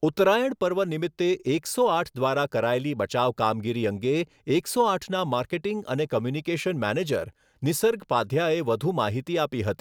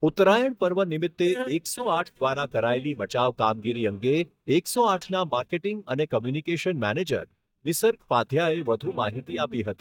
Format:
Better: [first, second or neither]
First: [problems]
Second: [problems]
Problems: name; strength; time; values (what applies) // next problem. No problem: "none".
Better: first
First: none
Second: noise reduction (neural mask model DeepFilterNet 3)